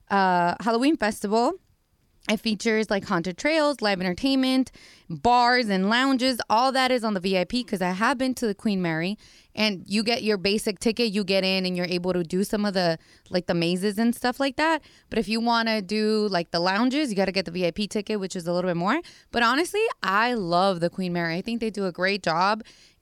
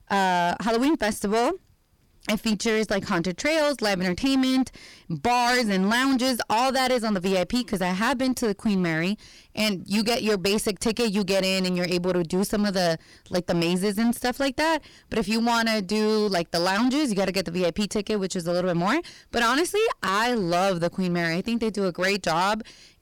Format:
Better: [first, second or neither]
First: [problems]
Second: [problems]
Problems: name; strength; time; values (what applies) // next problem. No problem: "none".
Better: first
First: none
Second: distortion; heavy; 15% of the sound clipped